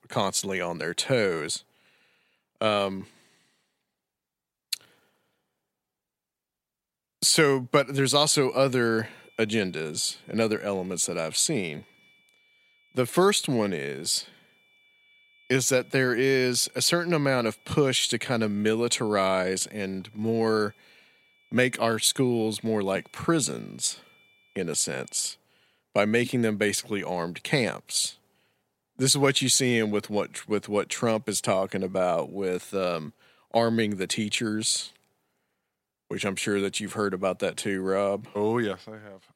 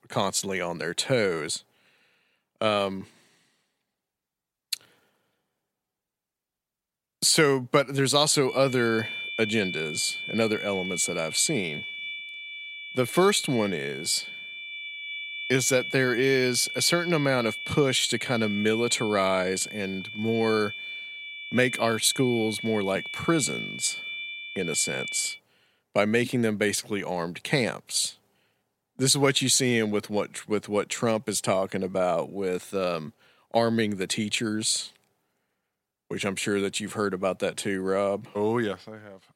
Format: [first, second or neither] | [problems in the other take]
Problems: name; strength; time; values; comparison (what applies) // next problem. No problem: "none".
first | high-pitched whine; loud; from 8.5 to 25 s; 2.5 kHz, 8 dB below the speech; faint in the first